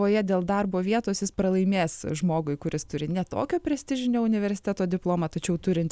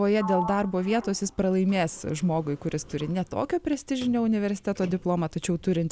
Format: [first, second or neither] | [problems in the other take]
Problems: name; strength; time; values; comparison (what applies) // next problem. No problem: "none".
first | background sound (Sliding door); 15 dB below the speech